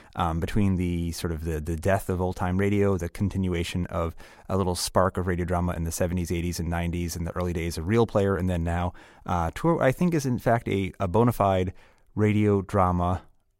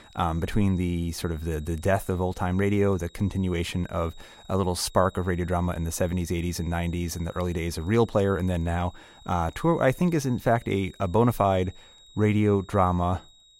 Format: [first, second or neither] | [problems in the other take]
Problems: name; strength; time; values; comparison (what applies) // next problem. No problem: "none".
first | high-pitched whine; faint; throughout; 4 kHz, 25 dB below the speech